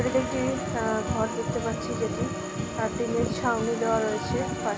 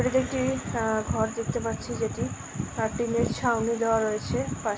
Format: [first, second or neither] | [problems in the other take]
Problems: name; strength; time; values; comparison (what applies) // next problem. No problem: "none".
second | background sound (Organ); 5 dB below the speech